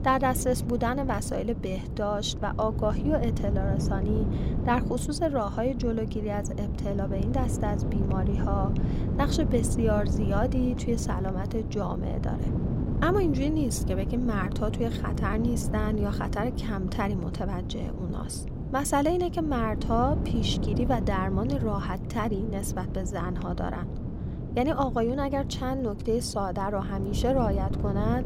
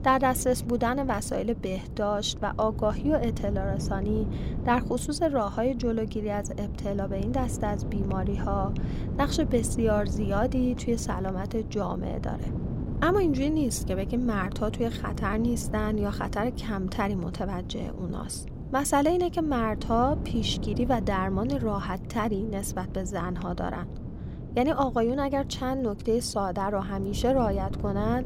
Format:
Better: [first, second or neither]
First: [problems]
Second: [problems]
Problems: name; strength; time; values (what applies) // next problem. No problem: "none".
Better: second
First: wind noise on the microphone; heavy; 9 dB below the speech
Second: wind noise on the microphone; occasional gusts; 15 dB below the speech